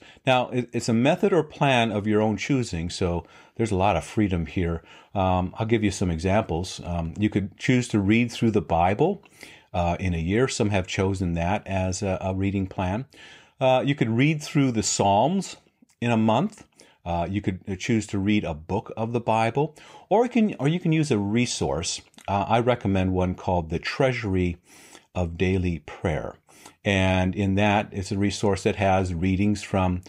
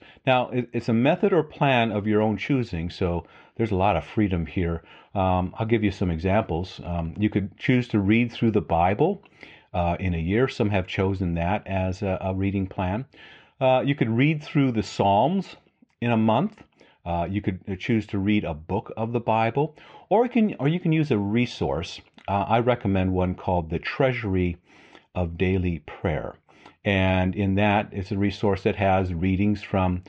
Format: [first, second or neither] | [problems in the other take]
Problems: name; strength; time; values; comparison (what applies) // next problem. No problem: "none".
first | muffled; slightly; fading above 3.5 kHz